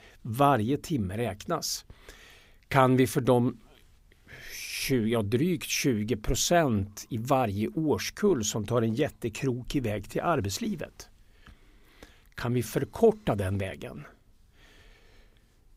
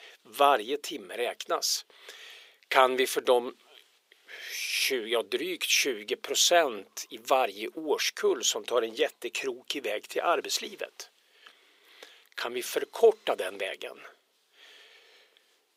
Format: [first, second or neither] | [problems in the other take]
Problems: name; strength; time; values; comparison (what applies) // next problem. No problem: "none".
first | thin; very; fading below 400 Hz